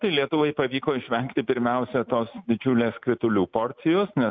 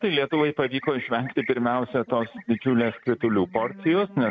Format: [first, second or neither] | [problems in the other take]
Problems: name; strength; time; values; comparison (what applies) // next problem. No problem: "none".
first | noise reduction (neural mask model RNNoise)